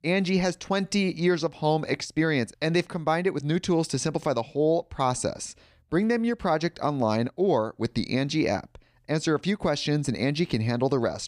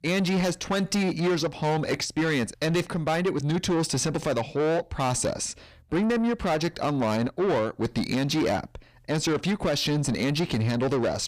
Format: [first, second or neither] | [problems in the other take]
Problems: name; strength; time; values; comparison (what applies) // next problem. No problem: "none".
first | distortion; heavy; 7 dB below the speech